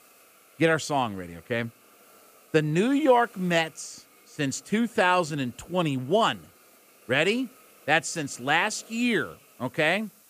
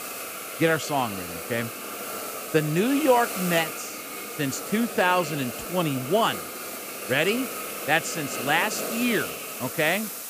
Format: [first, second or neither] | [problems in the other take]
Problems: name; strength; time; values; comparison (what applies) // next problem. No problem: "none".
first | hiss; loud; throughout; 7 dB below the speech; faint in the first